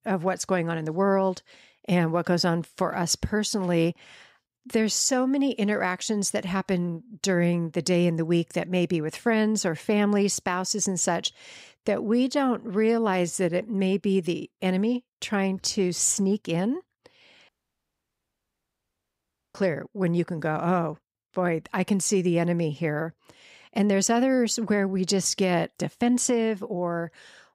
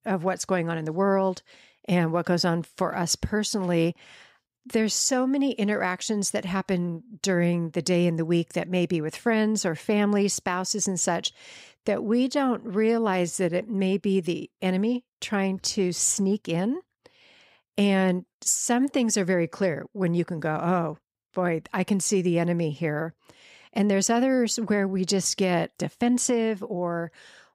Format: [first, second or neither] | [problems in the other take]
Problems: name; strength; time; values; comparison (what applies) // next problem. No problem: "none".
second | audio cutting out; at 17 s for 2 s